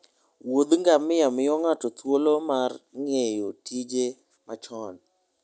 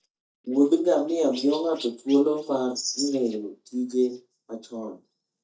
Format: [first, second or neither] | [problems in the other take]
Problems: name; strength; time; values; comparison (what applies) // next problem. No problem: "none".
first | noise reduction (neural mask model DeepFilterNet 3)